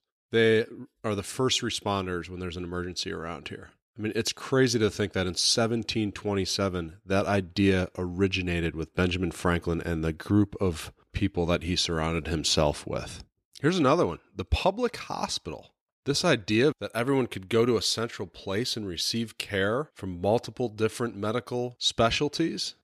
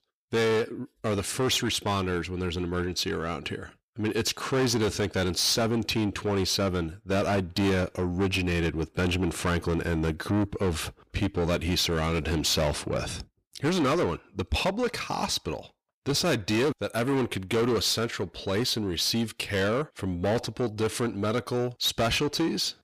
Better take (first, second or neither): first